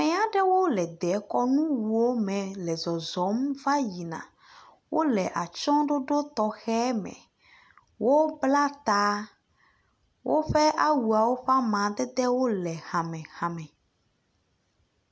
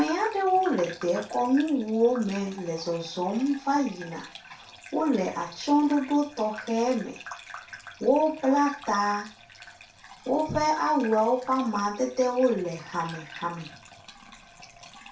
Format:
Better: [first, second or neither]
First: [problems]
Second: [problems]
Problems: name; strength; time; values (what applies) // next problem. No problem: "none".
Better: first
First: none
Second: background sound (Bathtub (filling or washing) / Gurgling); 18 dB below the speech // room echo; dies away in 0.2 s